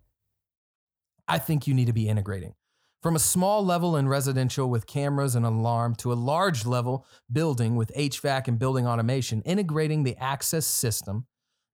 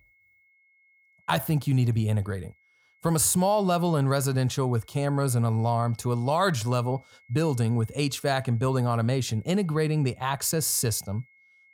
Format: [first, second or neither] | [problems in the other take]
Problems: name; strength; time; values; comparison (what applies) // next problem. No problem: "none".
first | high-pitched whine; faint; throughout; 2 kHz, 35 dB below the speech